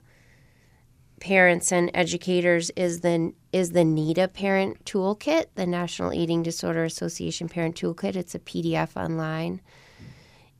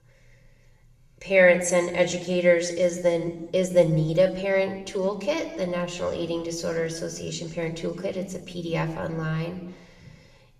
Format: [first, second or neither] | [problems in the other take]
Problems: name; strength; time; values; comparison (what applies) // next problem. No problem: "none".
first | room echo; slight; dies away in 0.8 s // off-mic speech; somewhat distant